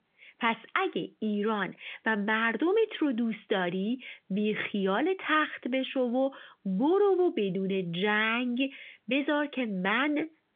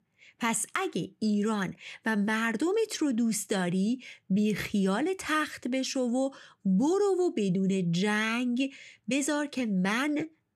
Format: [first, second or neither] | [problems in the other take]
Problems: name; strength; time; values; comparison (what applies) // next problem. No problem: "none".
second | phone-call audio; nothing above 3.5 kHz